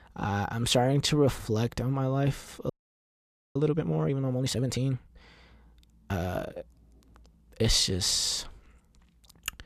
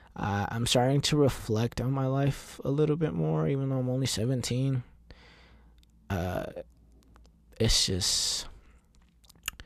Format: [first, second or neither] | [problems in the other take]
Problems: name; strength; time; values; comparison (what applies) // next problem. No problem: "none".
second | audio freezing; at 2.5 s for 1 s